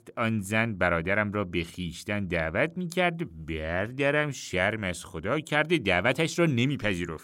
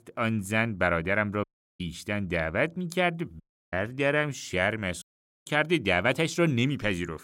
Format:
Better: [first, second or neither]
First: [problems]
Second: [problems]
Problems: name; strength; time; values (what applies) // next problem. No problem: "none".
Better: first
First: none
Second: audio cutting out; at 1.5 s, at 3.5 s and at 5 s